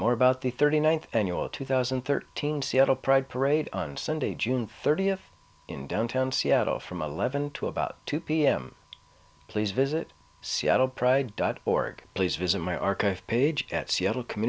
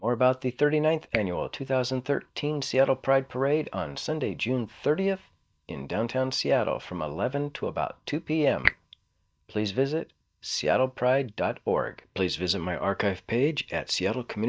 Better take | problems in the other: first | noise reduction (neural mask model DeepFilterNet 3)

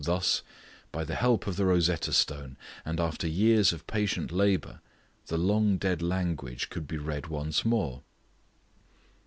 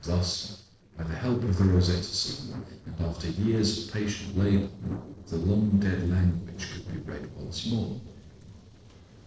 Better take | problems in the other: first | noise reduction (neural separator model SepFormer DNS4)

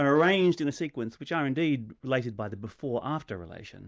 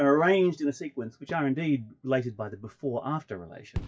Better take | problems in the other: first | noise reduction (classical method WPE with log-MMSE)

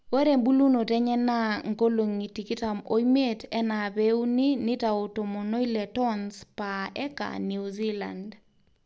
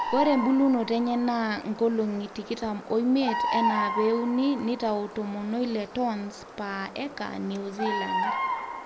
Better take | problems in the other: first | background sound (Bird vocalization, bird call, bird song); 6 dB below the speech

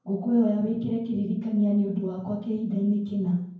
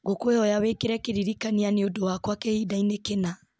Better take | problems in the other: second | room echo; dies away in 0.9 s

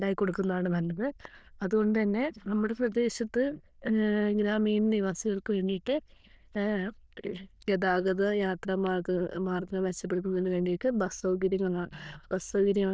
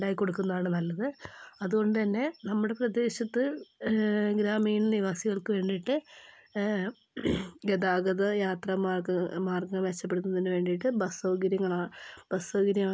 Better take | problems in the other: second | noise reduction (neural diffusion model UNIVERSE++)

